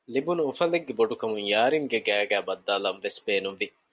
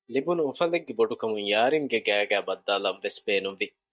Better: first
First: none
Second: noise reduction (neural mask model DeepFilterNet 3)

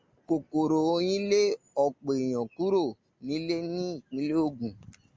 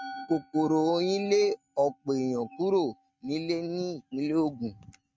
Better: first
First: none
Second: noise reduction (neural mask model RNNoise)

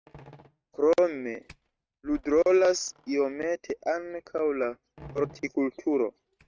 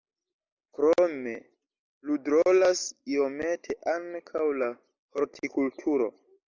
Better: second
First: noise reduction (neural mask model RNNoise)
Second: none

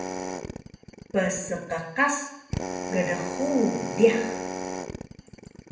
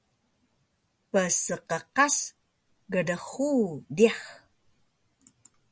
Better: second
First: background sound (Drill); 6 dB below the speech // room echo; dies away in 0.8 s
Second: none

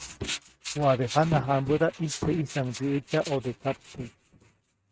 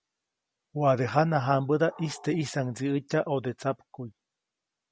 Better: second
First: noise reduction (neural mask model RNNoise)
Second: none

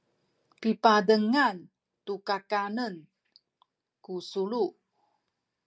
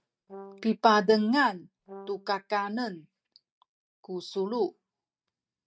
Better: first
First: none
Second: noise reduction (neural mask model RNNoise)

